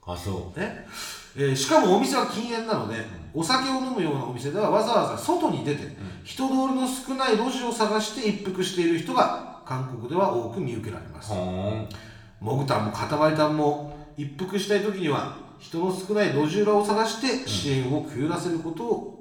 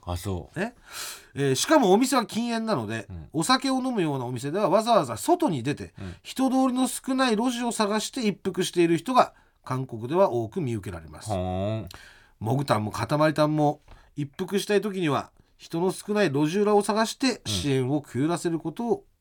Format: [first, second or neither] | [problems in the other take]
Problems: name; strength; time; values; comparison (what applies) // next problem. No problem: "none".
second | room echo; slight; dies away in 0.9 s // off-mic speech; somewhat distant